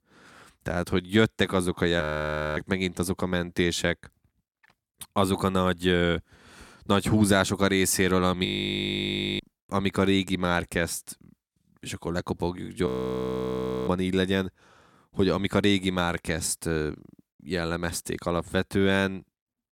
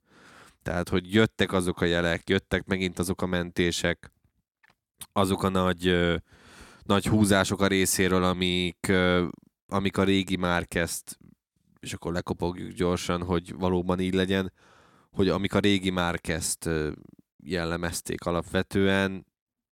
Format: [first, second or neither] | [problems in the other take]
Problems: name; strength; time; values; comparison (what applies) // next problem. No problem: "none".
second | audio freezing; at 2 s for 0.5 s, at 8.5 s for 1 s and at 13 s for 1 s